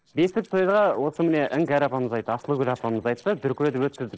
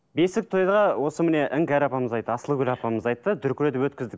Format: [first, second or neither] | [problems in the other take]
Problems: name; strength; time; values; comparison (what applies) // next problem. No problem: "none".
second | noise reduction (neural separator model SepFormer DNS4)